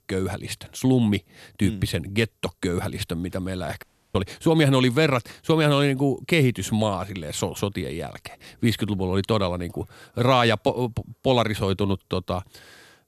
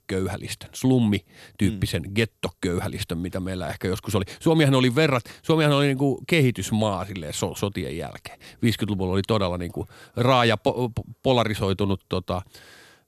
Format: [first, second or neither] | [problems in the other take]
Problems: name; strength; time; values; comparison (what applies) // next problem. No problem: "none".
second | audio cutting out; at 4 s